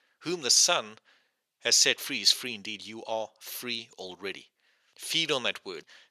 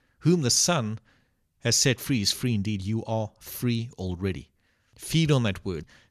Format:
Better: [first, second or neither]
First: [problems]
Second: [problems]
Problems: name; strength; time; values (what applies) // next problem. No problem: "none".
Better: second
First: thin; very; fading below 550 Hz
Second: none